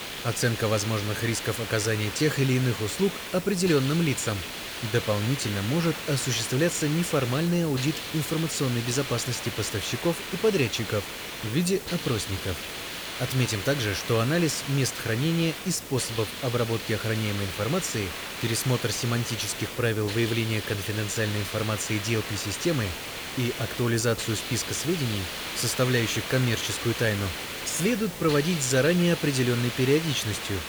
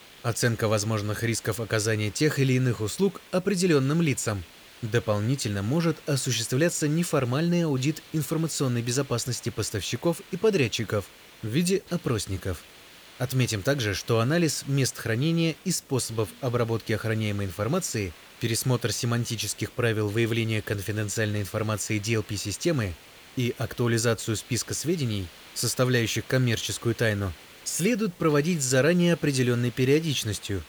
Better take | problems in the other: second | hiss; loud; throughout; 6 dB below the speech; faint in the second

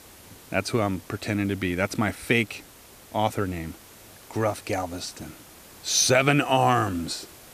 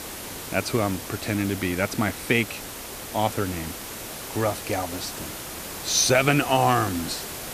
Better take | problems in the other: first | hiss; loud; throughout; 9 dB below the speech; faint in the first

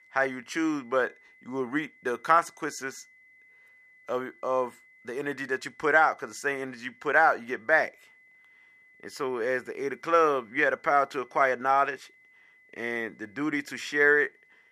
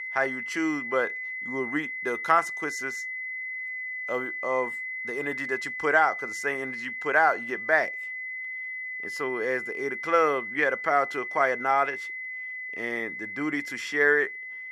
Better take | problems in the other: first | high-pitched whine; loud; throughout; 2 kHz, 6 dB below the speech; faint in the first

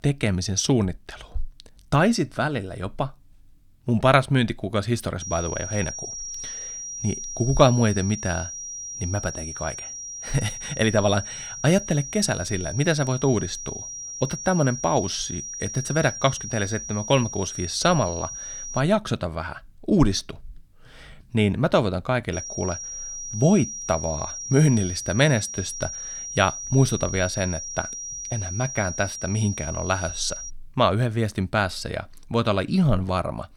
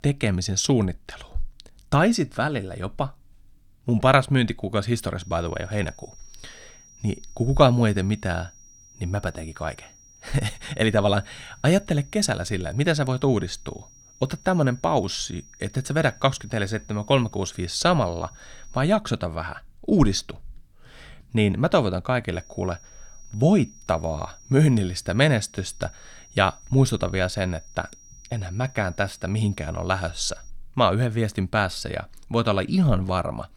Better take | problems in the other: second | high-pitched whine; loud; from 5 to 19 s and from 22 to 30 s; 5.5 kHz, 8 dB below the speech; faint in the second

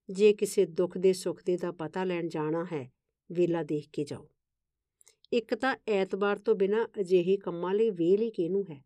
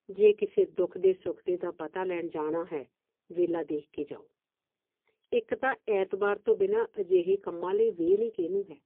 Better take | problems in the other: first | phone-call audio; poor line

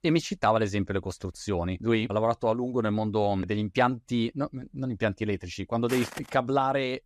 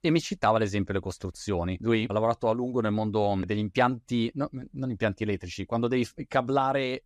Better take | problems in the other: second | footsteps; noticeable; at 6 s; peak 9 dB below the speech

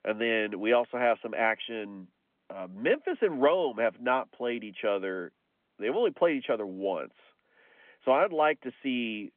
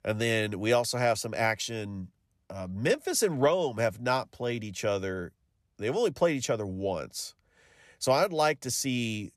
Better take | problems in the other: second | phone-call audio; nothing above 3.5 kHz

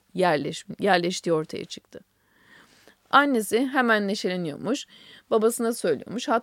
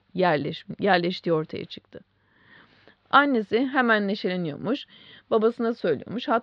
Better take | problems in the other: first | muffled; very slightly; fading above 4 kHz

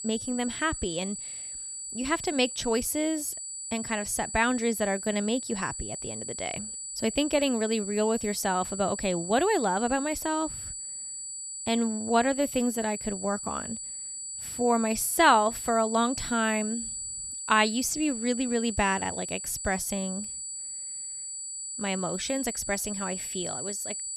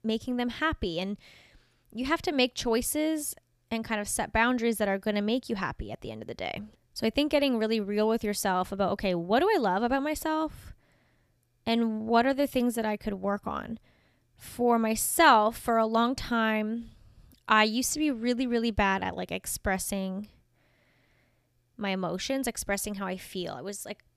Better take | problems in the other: second | high-pitched whine; loud; throughout; 8 kHz, 6 dB below the speech

